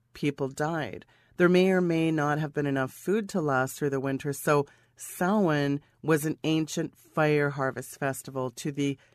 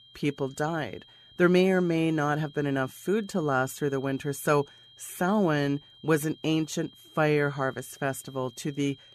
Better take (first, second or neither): first